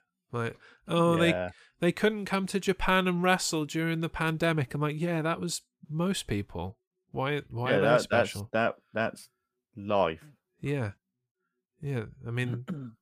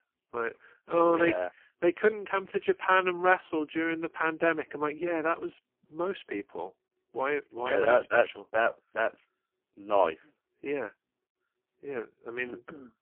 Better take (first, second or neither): first